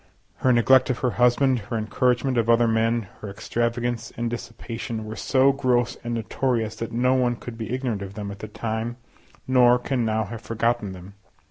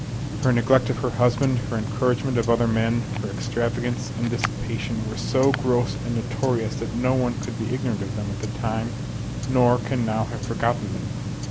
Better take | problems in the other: first | background sound (Tick-tock); 4 dB below the speech

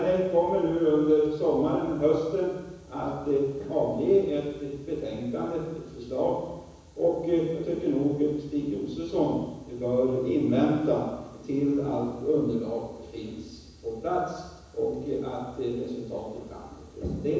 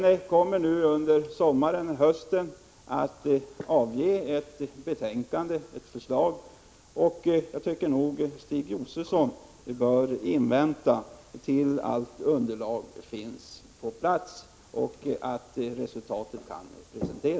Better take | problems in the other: second | room echo; dies away in 1.1 s

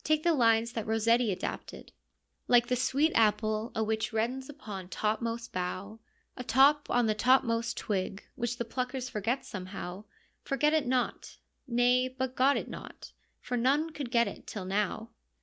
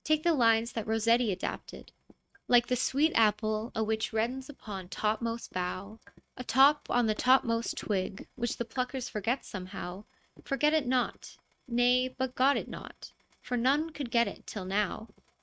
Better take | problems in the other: first | noise reduction (neural mask model RNNoise)

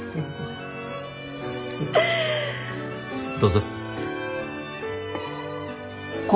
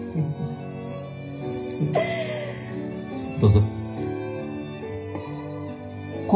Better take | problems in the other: first | room echo; dies away in 0.4 s

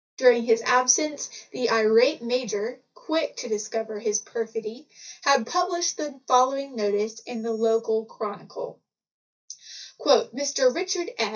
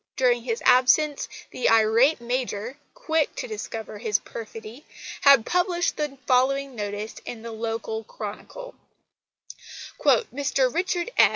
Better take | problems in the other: second | noise reduction (neural mask model DeepFilterNet 3)

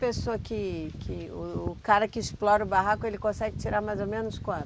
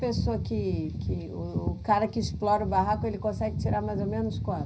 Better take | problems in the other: first | room echo; dies away in 0.4 s

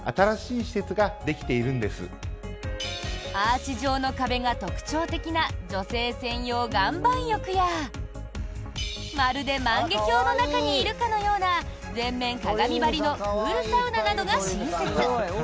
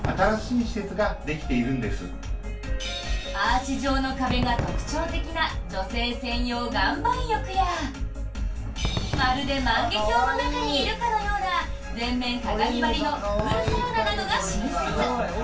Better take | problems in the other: first | background sound (Crowd / Cheering / Fireworks); 12 dB below the speech // room echo; dies away in 0.2 s

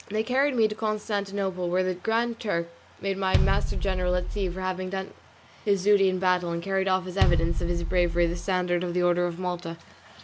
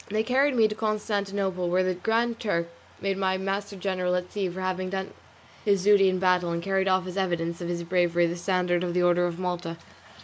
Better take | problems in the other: second | background sound (Bass drum); as loud as the speech

